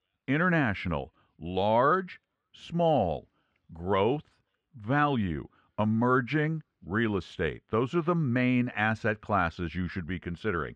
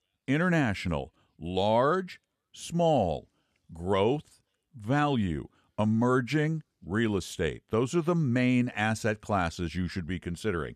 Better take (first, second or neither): second